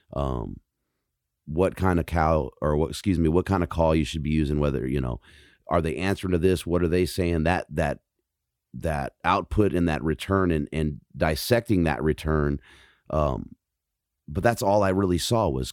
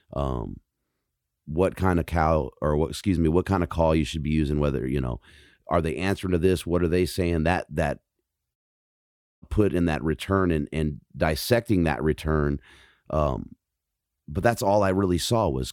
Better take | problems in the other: first | audio cutting out; at 8.5 s for 1 s

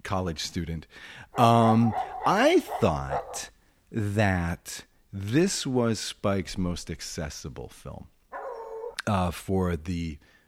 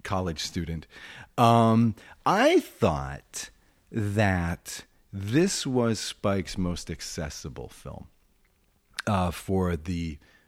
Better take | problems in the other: second | dog barking; noticeable; from 1.5 to 3.5 s; peak 3 dB below the speech // dog barking; faint; at 8.5 s; peak 10 dB below the speech

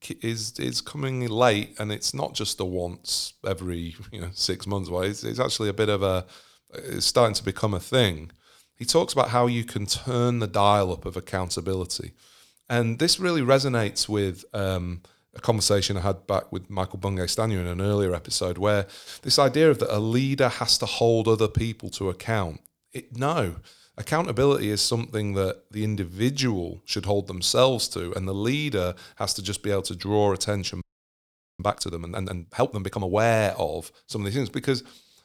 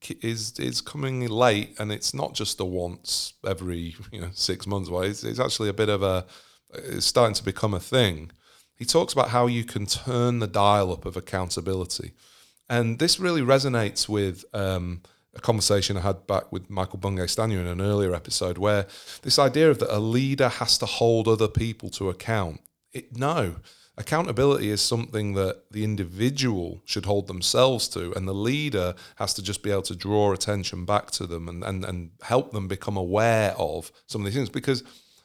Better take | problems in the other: second | audio freezing; at 31 s for 1 s

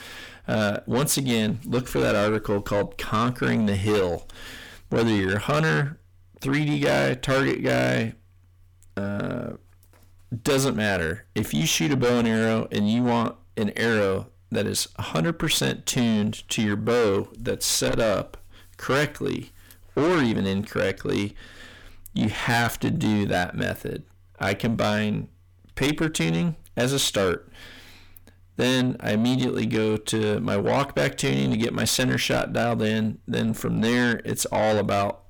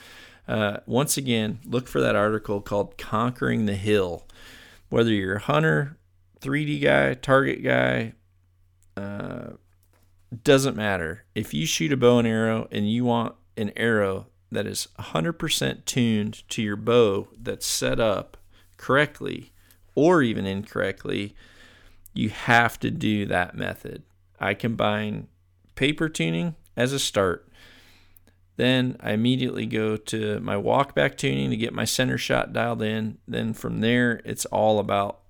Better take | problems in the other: second | distortion; heavy; 6 dB below the speech

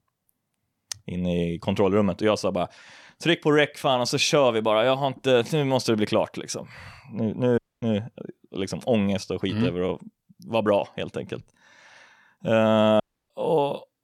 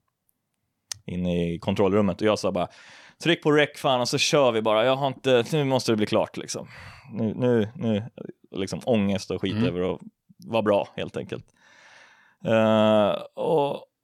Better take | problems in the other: second | audio cutting out; at 7.5 s and at 13 s

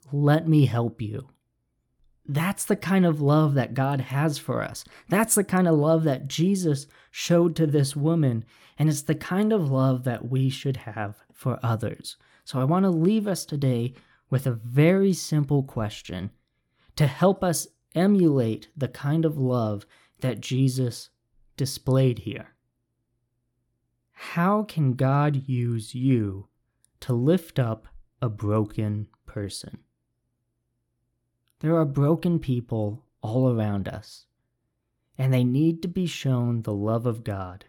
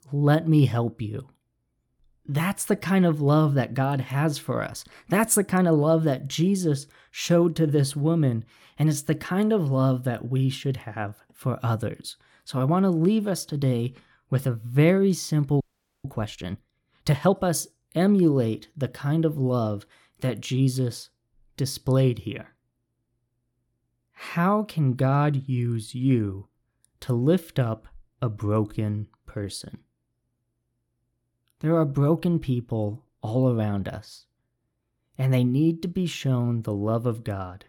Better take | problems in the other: first | audio freezing; at 16 s

